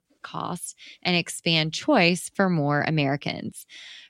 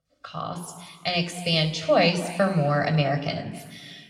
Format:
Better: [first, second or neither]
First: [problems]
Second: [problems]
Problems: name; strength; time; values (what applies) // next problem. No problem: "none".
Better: first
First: none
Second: room echo; noticeable; dies away in 1.7 s // off-mic speech; somewhat distant